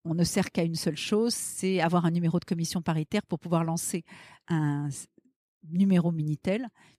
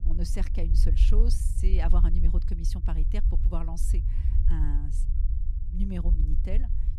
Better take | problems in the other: first | low rumble; loud; throughout; 7 dB below the speech

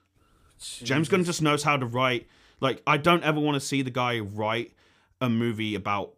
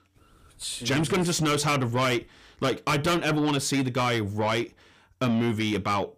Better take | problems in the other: first | distortion; heavy; 6 dB below the speech

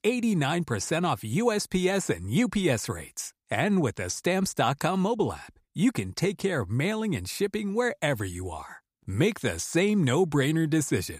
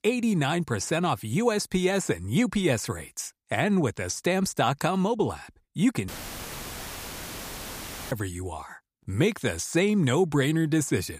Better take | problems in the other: first | audio cutting out; filled with static; at 6 s for 2 s

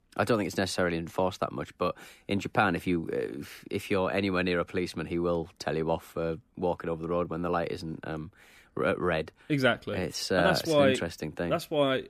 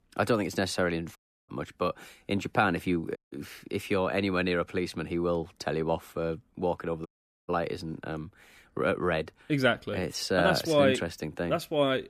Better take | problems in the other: first | audio cutting out; at 1 s, at 3 s and at 7 s

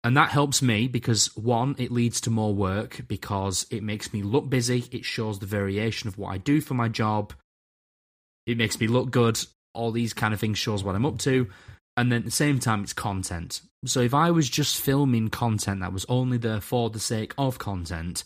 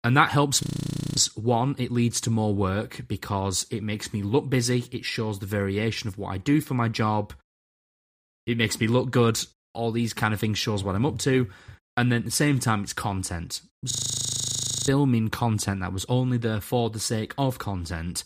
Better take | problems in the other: first | audio freezing; at 0.5 s for 0.5 s and at 14 s for 1 s

